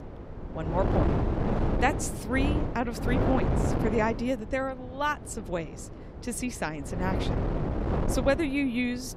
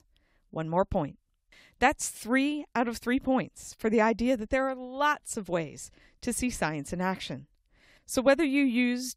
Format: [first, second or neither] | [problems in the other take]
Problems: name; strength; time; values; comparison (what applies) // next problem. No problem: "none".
second | wind noise on the microphone; heavy; 3 dB below the speech